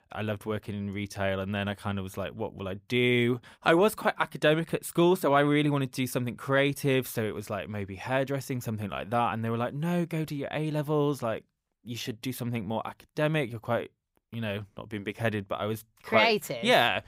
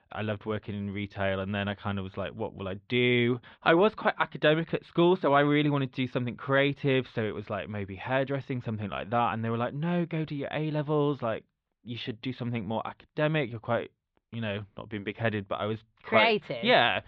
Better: first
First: none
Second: muffled; slightly; fading above 4 kHz

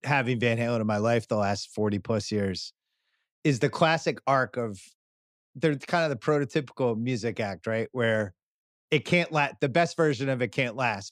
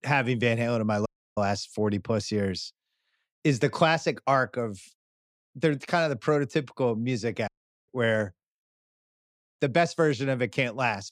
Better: first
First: none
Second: audio cutting out; at 1 s, at 7.5 s and at 9 s for 1 s

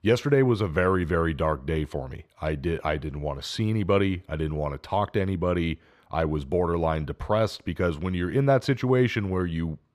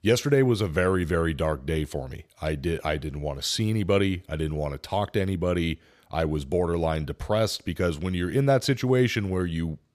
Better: second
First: muffled; slightly; fading above 4 kHz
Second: none

